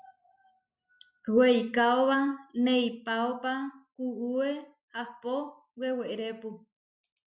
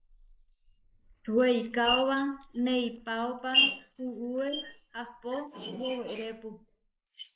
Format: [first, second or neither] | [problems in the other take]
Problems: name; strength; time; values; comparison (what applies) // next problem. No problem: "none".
first | noise reduction (neural mask model Resemble Enhance denoiser)